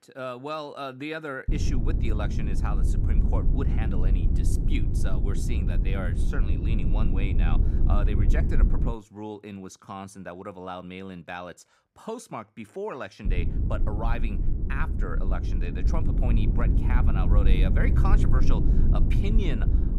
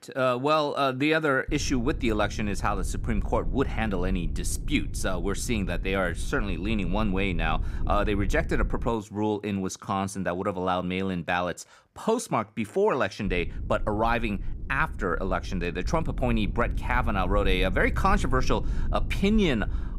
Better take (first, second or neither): second